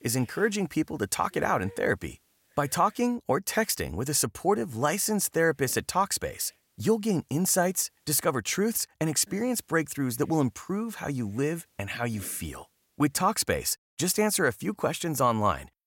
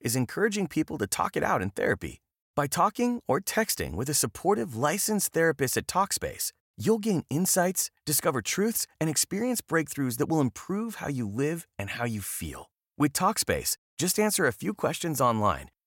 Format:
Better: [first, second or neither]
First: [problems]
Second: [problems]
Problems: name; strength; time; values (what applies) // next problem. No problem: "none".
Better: second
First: hiss; faint; until 3 s, from 4.5 to 8.5 s and from 9.5 to 13 s; 30 dB below the speech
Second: none